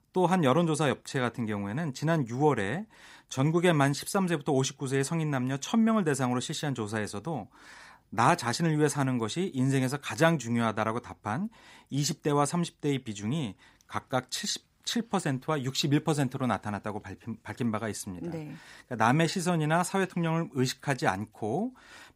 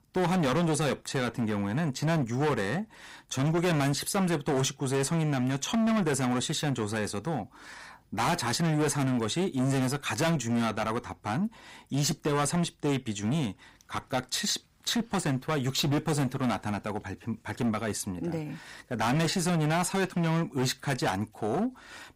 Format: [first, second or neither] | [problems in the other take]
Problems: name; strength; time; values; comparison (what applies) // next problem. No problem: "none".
first | distortion; heavy; 15% of the sound clipped